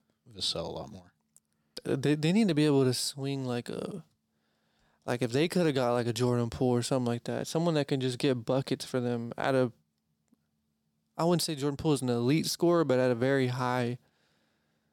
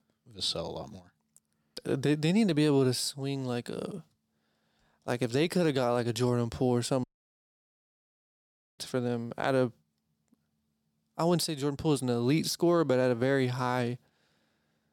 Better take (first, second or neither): first